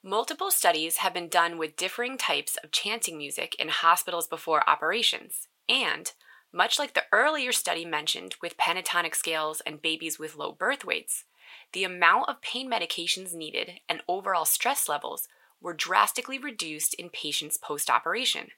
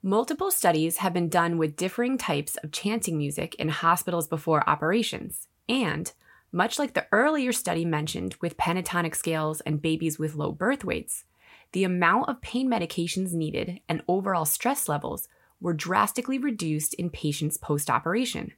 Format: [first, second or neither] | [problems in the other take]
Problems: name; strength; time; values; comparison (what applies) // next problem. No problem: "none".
second | thin; very; fading below 600 Hz